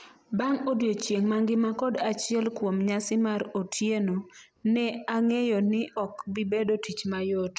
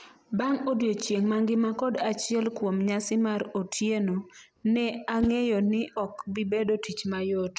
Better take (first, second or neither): first